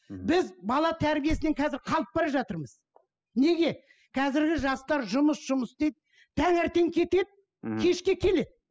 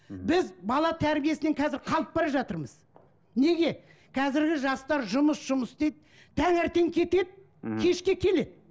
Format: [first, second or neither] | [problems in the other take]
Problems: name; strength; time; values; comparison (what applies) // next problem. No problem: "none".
second | noise reduction (classical method spectral subtraction)